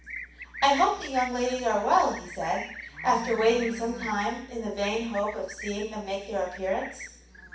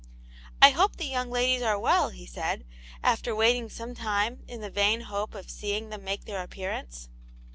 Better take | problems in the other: second | background sound (Livestock, farm animals, working animals); 14 dB below the speech // room echo; dies away in 0.6 s

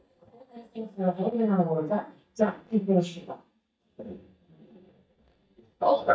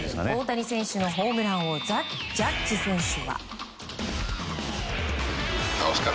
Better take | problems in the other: second | noise reduction (neural mask model DeepFilterNet 3)

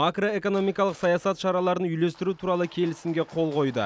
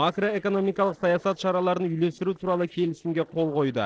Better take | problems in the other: first | noise reduction (neural separator model SepFormer DNS4)

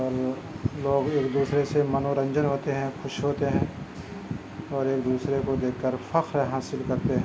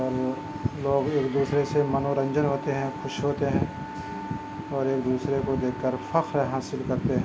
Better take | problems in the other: first | background sound (Wind instrument, woodwind instrument); 14 dB below the speech

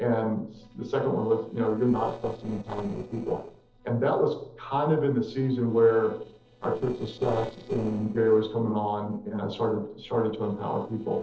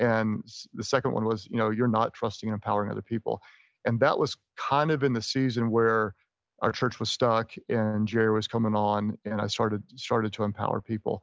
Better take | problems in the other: second | noise reduction (neural separator model SepFormer DNS4)

